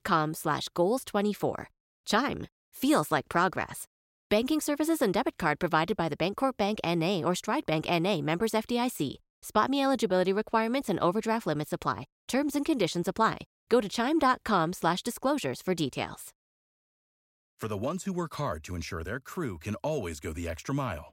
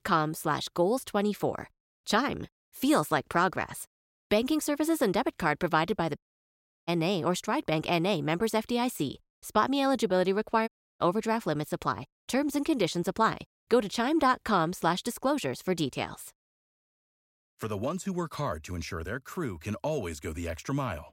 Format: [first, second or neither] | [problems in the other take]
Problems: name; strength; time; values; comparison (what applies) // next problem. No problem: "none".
first | audio cutting out; at 6 s for 0.5 s and at 11 s